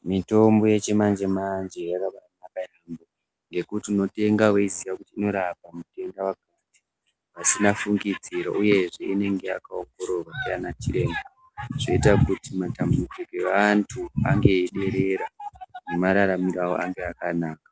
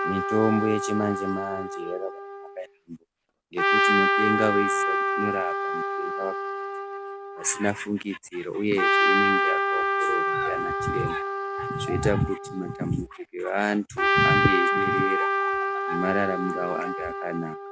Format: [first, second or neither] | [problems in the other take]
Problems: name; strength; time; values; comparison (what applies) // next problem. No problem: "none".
first | background sound (Trumpet); 3 dB above the speech